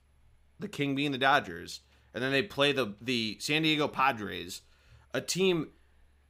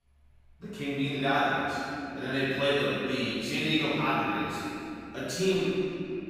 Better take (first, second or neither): first